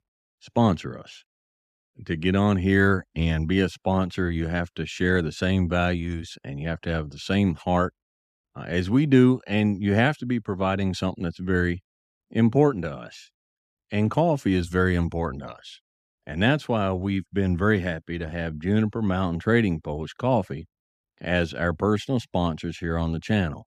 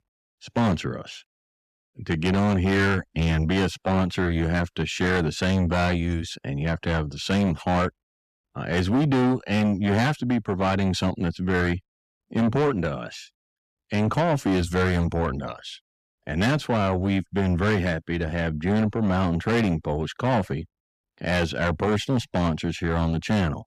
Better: first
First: none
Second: distortion; heavy; 6 dB below the speech

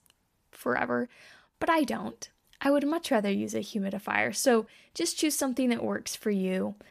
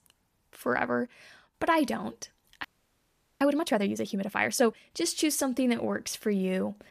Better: first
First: none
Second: audio freezing; at 2.5 s for 1 s

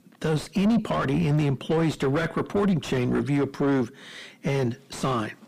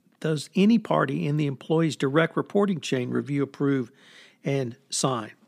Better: second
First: distortion; heavy; 5 dB below the speech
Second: none

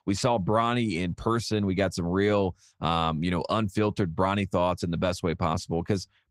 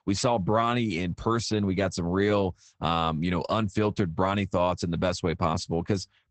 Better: first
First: garbled, watery; slightly; nothing above 15.5 kHz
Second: garbled, watery; badly; nothing above 8 kHz

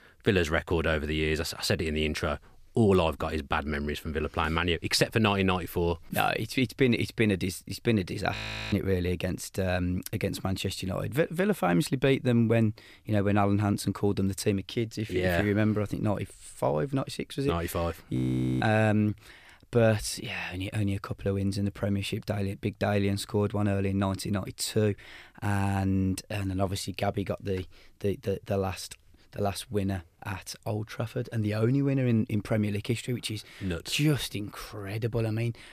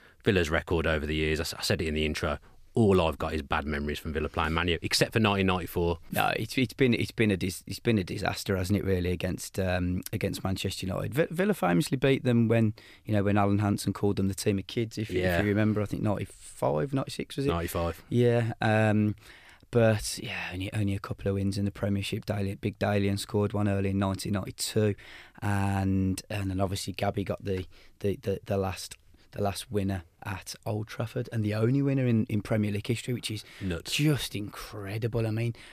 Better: second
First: audio freezing; at 8.5 s and at 18 s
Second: none

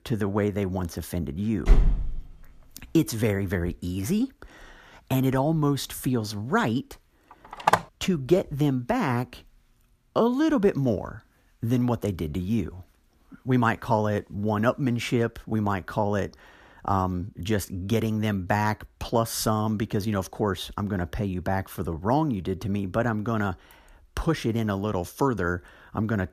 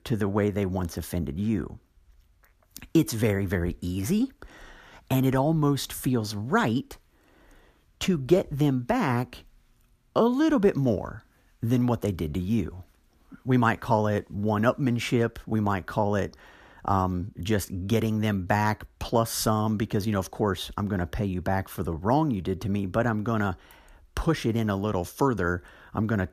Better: second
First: door banging; loud; at 1.5 s; peak 3 dB above the speech // phone ringing; loud; at 7.5 s; peak 3 dB above the speech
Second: none

